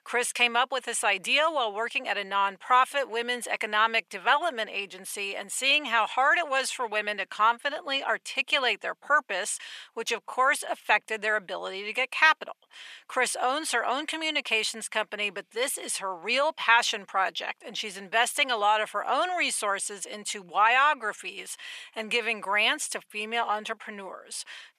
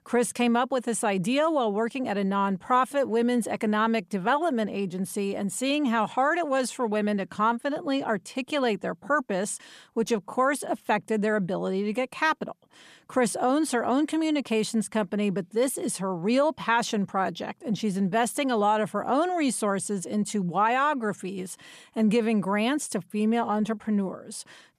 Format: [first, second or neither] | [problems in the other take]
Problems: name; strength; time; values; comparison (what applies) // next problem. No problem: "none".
second | thin; very; fading below 700 Hz